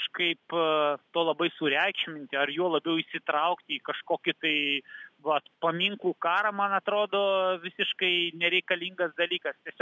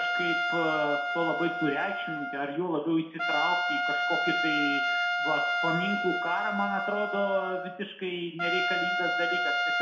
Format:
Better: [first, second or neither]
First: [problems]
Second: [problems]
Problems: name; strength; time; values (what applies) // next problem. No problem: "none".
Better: first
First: none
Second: background sound (Trumpet); 2 dB above the speech // room echo; dies away in 0.6 s